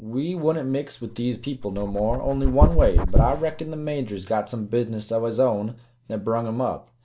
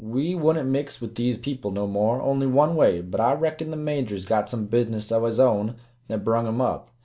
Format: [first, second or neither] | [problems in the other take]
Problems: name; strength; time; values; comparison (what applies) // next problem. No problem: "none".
second | background sound (Dog); 3 dB above the speech